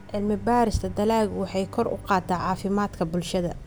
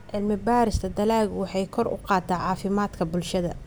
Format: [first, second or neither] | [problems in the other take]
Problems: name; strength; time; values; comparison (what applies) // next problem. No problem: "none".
second | background sound (Bowed string instrument); 20 dB below the speech